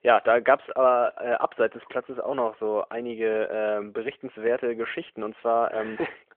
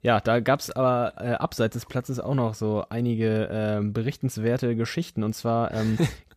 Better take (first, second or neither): second